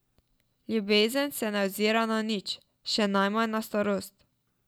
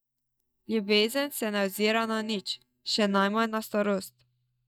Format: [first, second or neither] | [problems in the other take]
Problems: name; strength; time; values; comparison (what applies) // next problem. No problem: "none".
first | noise reduction (neural mask model DeepFilterNet 3)